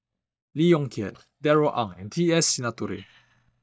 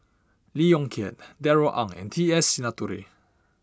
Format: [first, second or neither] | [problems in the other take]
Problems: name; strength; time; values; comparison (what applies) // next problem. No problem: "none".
second | noise reduction (neural mask model DeepFilterNet 3)